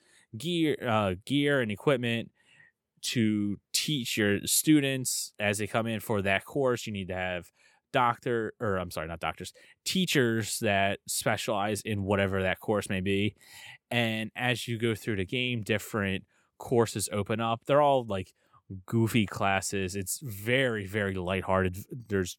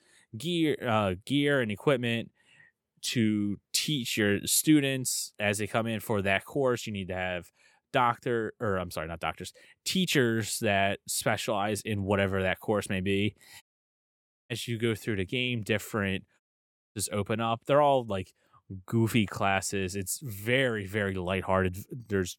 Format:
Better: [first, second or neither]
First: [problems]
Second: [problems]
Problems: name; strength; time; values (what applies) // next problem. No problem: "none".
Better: first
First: none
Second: audio cutting out; at 14 s for 1 s and at 16 s for 0.5 s